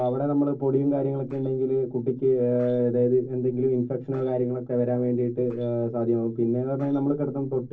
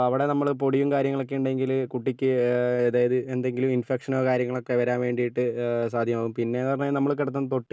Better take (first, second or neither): second